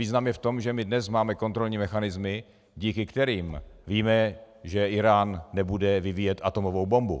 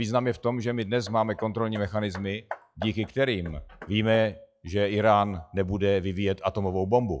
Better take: first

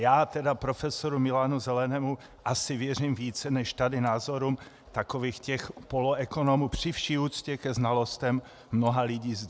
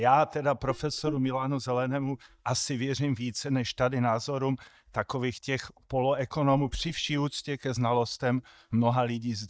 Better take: first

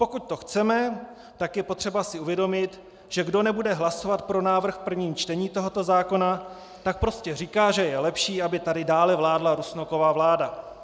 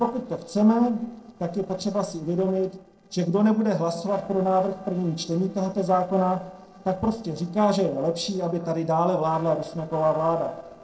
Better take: first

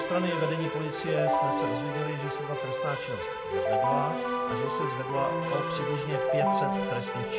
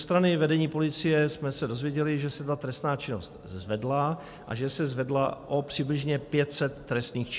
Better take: second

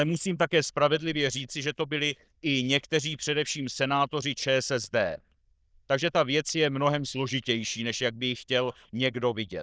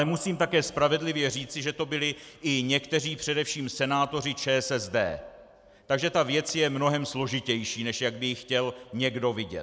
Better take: second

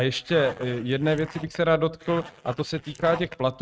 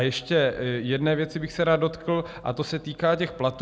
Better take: second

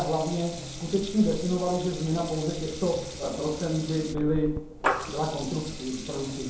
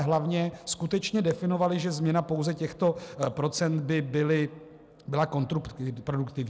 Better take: second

